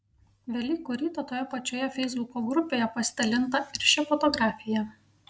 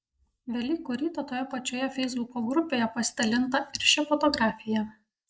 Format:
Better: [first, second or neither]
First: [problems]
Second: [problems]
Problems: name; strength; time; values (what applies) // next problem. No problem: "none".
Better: first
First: none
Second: noise reduction (neural mask model Resemble Enhance denoiser)